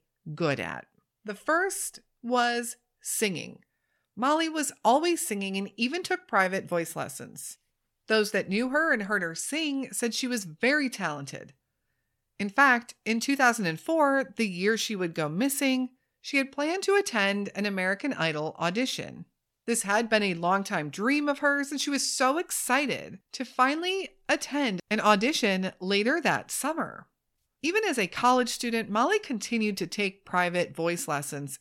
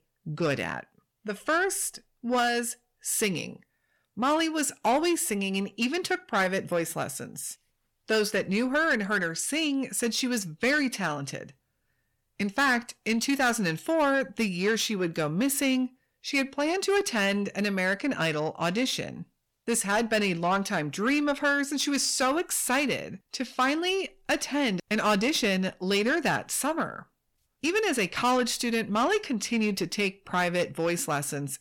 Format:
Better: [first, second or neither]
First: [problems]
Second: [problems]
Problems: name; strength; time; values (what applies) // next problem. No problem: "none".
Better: first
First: none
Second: distortion; slight; 10 dB below the speech